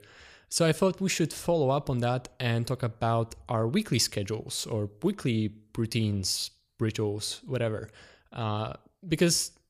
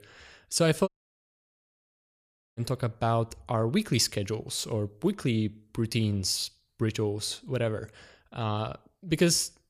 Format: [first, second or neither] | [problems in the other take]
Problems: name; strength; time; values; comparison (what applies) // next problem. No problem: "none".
first | audio cutting out; at 1 s for 1.5 s